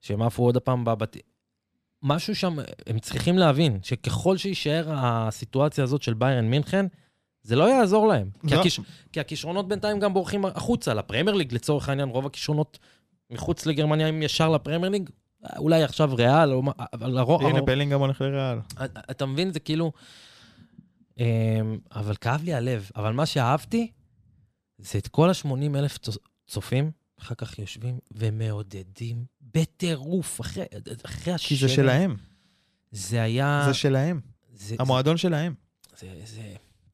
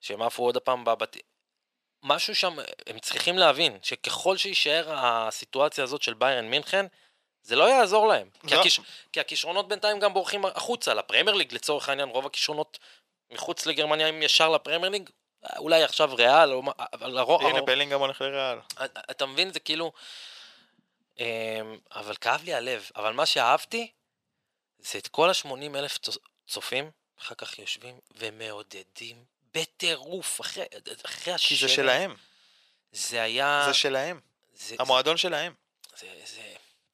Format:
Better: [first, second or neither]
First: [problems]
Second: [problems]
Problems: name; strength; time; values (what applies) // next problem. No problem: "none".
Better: first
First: none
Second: thin; very; fading below 650 Hz